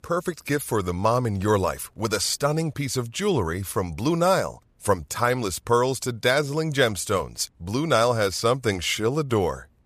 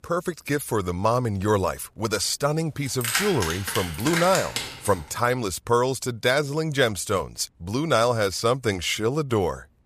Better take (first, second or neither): first